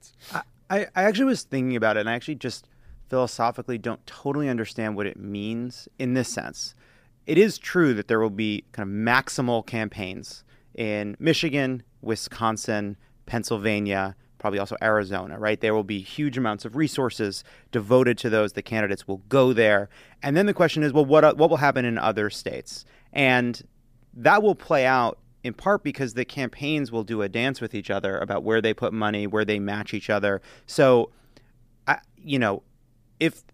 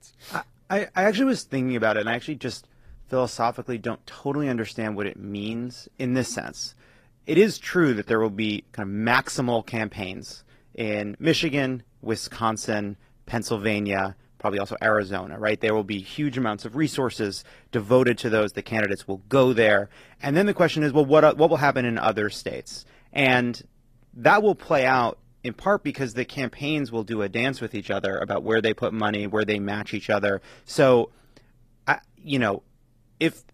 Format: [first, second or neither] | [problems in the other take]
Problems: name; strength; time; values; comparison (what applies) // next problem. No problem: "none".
first | garbled, watery; slightly; nothing above 15 kHz